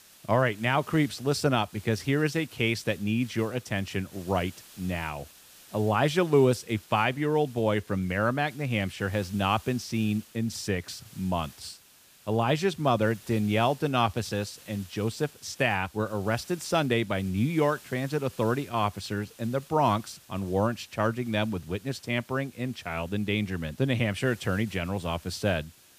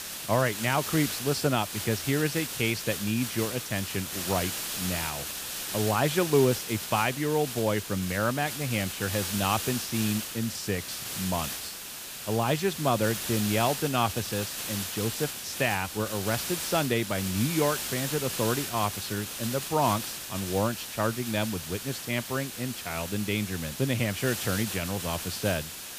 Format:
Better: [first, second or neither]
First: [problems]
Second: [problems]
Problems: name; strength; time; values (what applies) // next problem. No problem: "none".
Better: first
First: hiss; faint; throughout; 20 dB below the speech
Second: hiss; loud; throughout; 4 dB below the speech